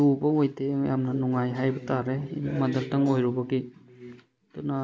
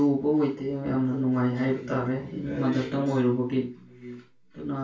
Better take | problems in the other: first | room echo; dies away in 0.3 s

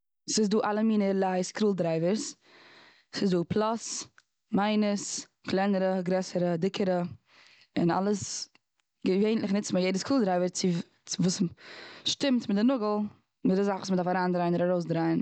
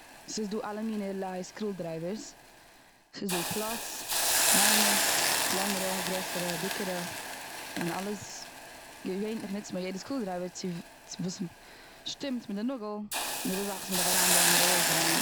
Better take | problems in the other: first | background sound (Hiss); 4 dB above the speech

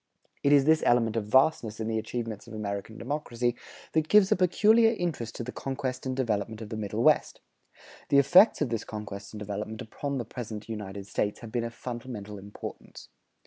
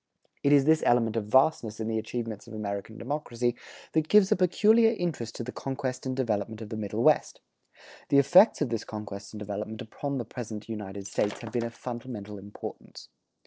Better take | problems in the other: first | noise reduction (neural separator model SepFormer DNS4)

